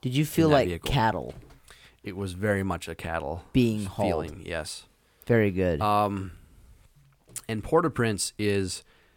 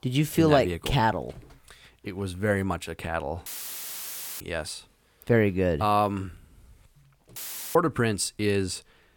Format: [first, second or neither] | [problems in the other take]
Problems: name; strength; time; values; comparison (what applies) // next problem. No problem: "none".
first | audio cutting out; filled with static; at 3.5 s for 1 s and at 7.5 s